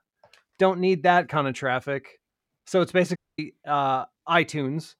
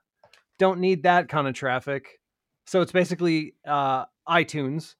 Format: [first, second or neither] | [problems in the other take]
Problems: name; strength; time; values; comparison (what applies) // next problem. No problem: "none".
second | audio cutting out; at 3 s